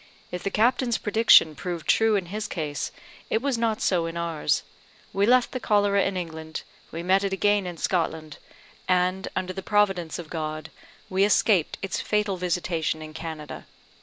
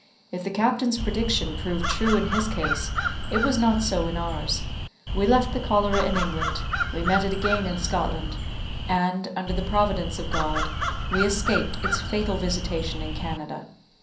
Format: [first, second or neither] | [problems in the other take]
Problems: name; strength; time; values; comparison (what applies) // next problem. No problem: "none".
first | background sound (Crow); 1 dB below the speech // room echo; dies away in 0.6 s